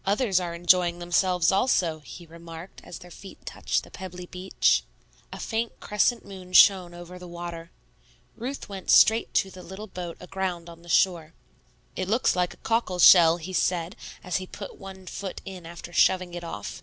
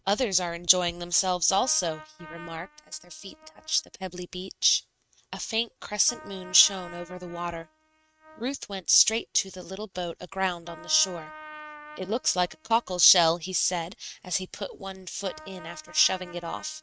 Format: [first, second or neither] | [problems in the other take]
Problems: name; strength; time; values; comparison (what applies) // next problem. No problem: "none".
first | noise reduction (neural mask model RNNoise)